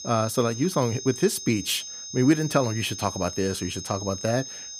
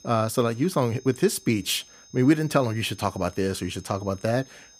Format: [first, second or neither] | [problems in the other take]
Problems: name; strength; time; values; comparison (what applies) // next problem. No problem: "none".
second | high-pitched whine; loud; throughout; 6.5 kHz, 9 dB below the speech; faint in the second